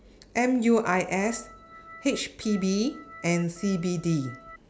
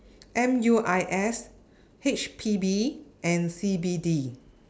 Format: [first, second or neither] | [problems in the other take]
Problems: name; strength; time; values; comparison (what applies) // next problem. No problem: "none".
second | background sound (Organ); 19 dB below the speech